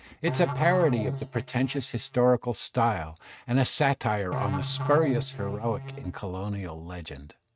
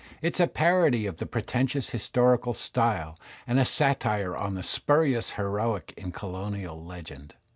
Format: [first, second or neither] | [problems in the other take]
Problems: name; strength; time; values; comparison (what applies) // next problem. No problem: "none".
second | noise reduction (neural mask model RNNoise)